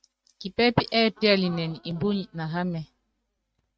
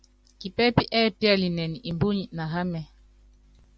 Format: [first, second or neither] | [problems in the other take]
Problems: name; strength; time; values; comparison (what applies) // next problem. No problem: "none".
second | noise reduction (neural mask model RNNoise)